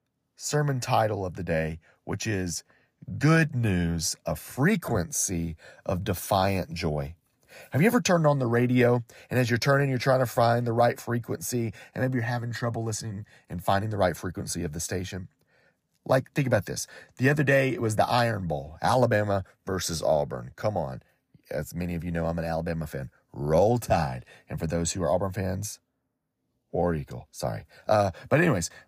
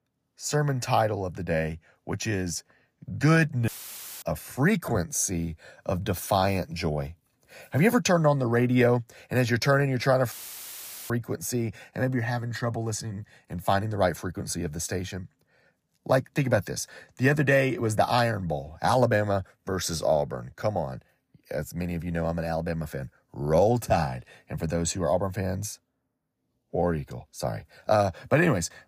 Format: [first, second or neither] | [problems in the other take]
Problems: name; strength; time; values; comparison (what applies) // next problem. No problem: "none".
first | audio cutting out; filled with static; at 3.5 s for 0.5 s and at 10 s for 1 s